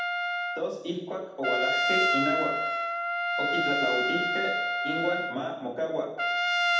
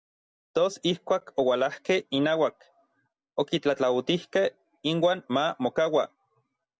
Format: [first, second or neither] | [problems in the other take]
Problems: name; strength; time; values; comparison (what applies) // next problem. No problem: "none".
second | background sound (Trumpet); 4 dB above the speech // room echo; dies away in 0.8 s